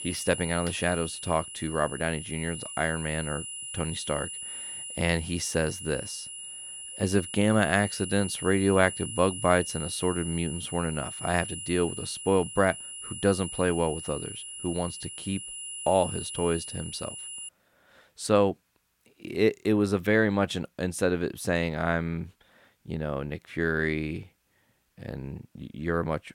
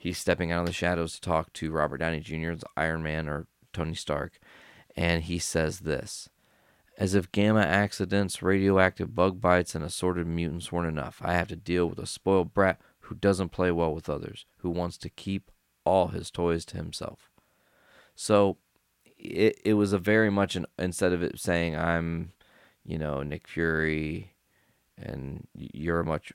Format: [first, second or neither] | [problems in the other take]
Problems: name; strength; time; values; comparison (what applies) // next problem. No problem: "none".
second | high-pitched whine; loud; until 17 s; 10.5 kHz, 8 dB below the speech